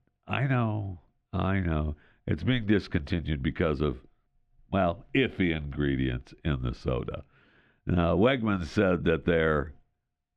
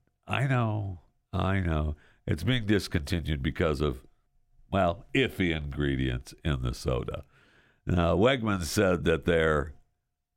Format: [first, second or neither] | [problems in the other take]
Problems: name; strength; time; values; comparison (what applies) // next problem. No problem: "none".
second | muffled; slightly; fading above 3 kHz